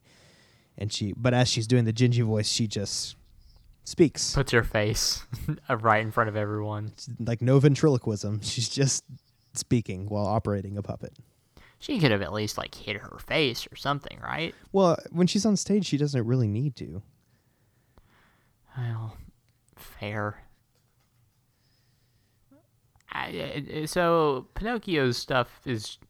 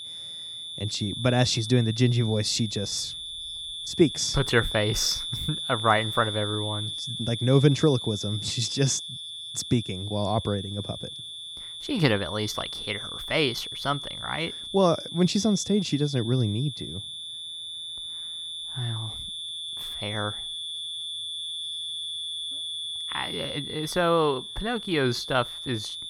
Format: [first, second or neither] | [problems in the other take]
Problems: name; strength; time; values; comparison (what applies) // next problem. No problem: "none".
first | high-pitched whine; loud; throughout; 3.5 kHz, 6 dB below the speech